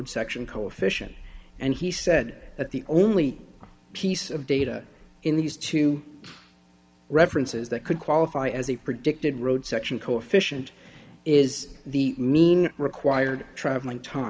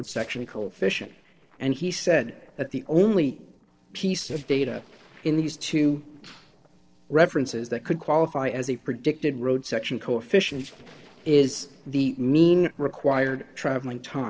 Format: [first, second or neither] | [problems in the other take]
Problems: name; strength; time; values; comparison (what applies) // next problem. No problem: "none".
first | noise reduction (neural separator model SepFormer DNS4)